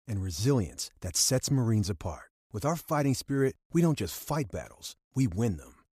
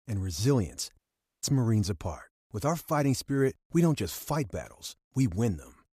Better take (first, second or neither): first